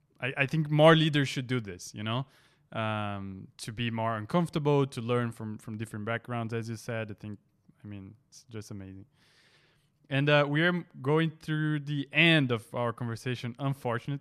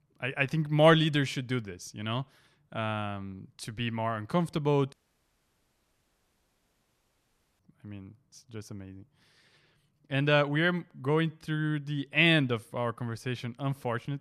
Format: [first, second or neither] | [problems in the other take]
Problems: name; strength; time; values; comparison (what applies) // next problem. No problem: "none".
first | audio cutting out; at 5 s for 2.5 s